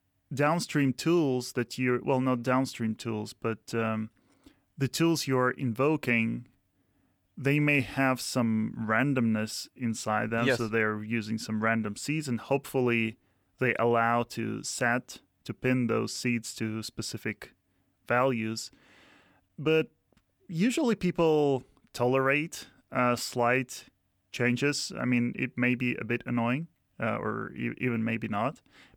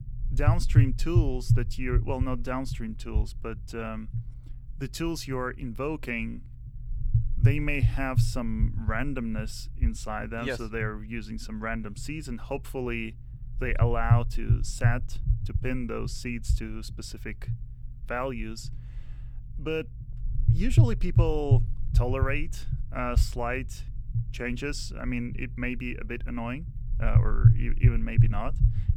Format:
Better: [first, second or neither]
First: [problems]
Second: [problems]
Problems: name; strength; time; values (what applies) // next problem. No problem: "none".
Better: first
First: none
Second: low rumble; loud; throughout; 7 dB below the speech